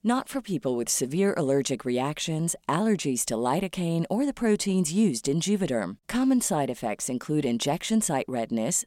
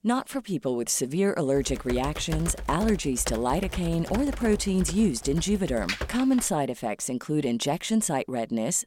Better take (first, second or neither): first